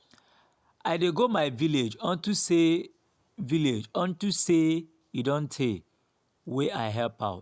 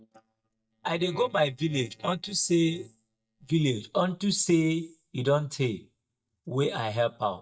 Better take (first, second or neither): first